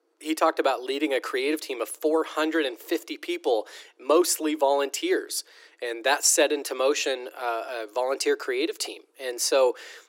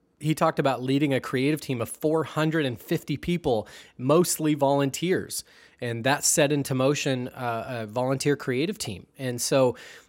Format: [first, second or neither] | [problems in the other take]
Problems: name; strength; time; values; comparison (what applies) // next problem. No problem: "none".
second | thin; somewhat; fading below 300 Hz